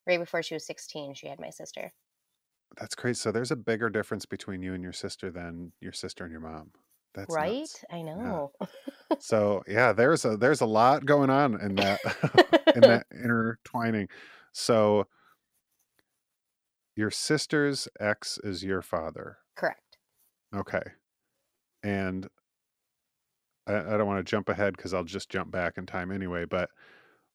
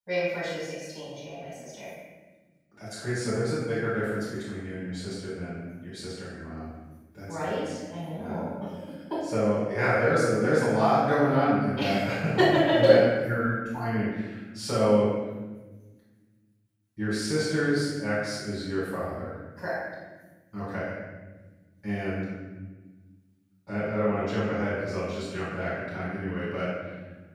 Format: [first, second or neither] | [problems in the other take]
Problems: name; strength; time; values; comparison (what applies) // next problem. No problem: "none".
first | off-mic speech; far // room echo; strong; dies away in 1.2 s